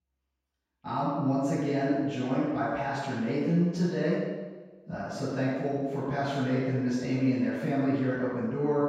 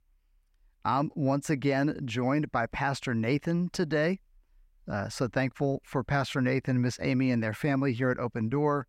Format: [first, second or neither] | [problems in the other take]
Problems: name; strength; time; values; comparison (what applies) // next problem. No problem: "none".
second | room echo; strong; dies away in 1.2 s // off-mic speech; far